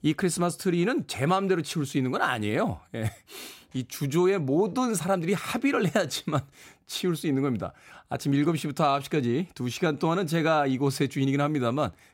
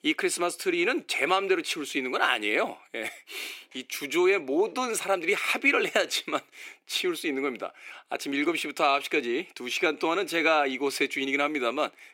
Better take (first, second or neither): first